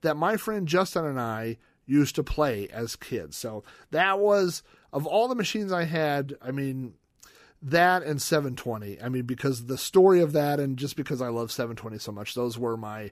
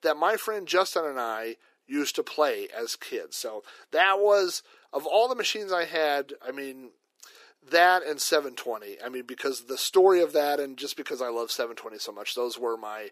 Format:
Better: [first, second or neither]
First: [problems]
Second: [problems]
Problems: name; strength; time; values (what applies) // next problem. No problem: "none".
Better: first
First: none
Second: thin; somewhat; fading below 350 Hz